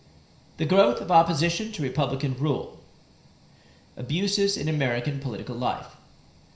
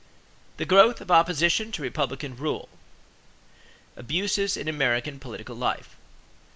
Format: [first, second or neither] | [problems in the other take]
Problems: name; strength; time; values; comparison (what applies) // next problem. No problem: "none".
second | room echo; dies away in 0.5 s